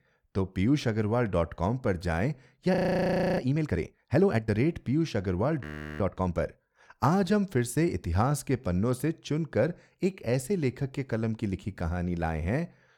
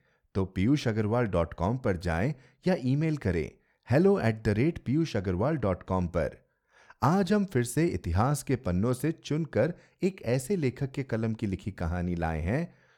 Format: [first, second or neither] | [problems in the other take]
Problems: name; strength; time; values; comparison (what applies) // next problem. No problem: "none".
second | audio freezing; at 3 s for 0.5 s and at 5.5 s